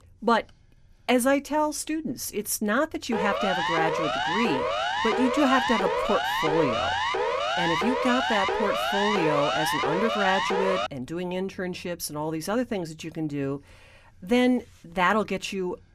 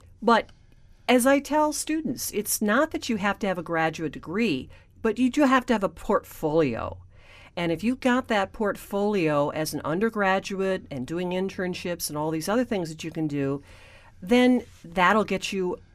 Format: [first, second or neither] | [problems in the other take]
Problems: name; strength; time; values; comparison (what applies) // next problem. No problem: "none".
second | siren; loud; from 3 to 11 s; peak 2 dB above the speech